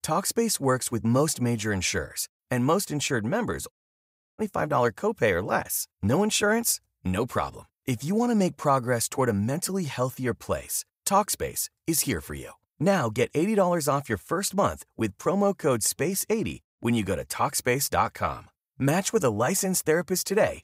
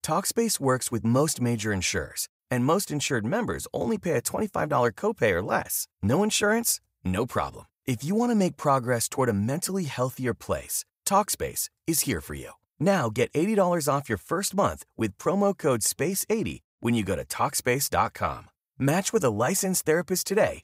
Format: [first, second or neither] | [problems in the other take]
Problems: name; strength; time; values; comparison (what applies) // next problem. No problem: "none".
second | audio cutting out; at 3.5 s for 0.5 s